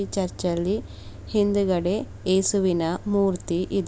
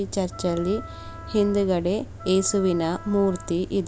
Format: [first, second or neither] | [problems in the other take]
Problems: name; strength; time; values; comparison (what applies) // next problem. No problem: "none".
first | background sound (Wind instrument, woodwind instrument); 19 dB below the speech